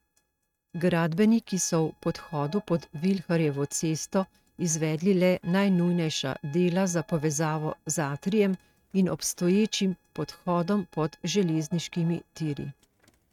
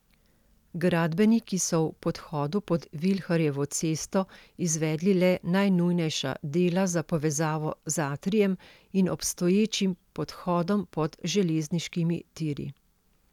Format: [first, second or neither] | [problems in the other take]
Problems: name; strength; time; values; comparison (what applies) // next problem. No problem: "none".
second | noise reduction (neural mask model RNNoise)